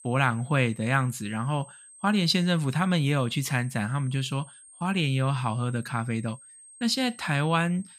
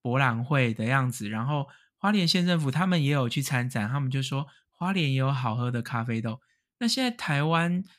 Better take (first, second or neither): second